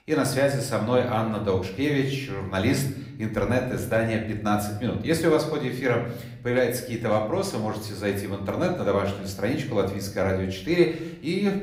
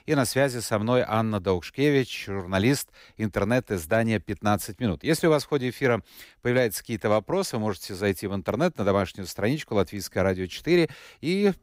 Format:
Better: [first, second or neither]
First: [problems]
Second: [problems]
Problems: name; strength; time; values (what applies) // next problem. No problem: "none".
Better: second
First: room echo; slight; dies away in 0.7 s // off-mic speech; somewhat distant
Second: none